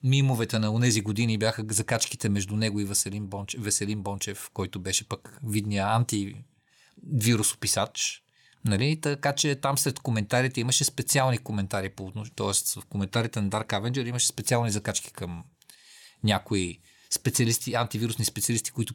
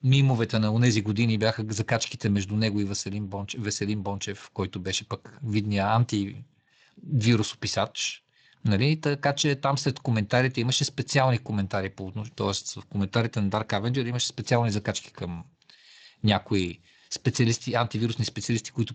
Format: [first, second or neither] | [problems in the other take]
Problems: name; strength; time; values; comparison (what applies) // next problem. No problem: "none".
first | garbled, watery; slightly; nothing above 7.5 kHz